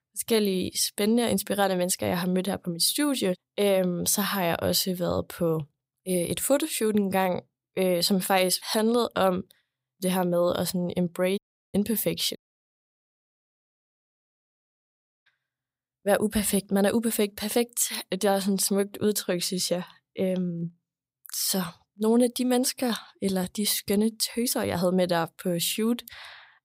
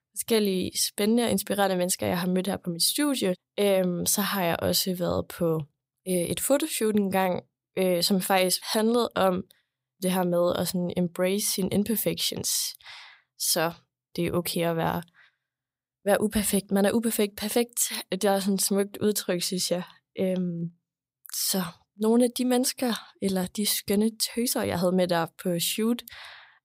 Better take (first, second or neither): second